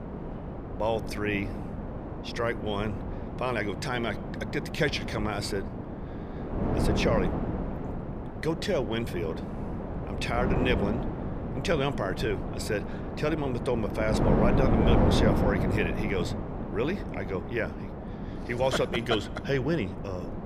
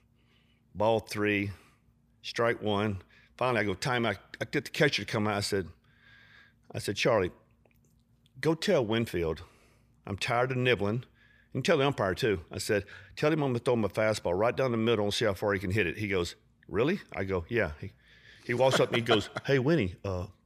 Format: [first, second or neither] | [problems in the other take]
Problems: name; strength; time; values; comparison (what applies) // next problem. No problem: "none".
second | wind noise on the microphone; heavy; 5 dB below the speech